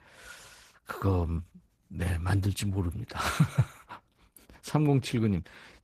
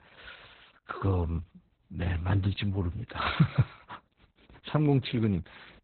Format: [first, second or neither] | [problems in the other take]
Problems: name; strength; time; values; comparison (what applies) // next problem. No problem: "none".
first | garbled, watery; badly; nothing above 4 kHz; slightly in the first